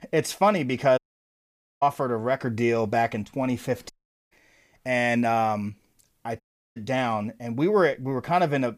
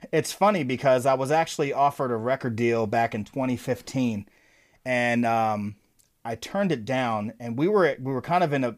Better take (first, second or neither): second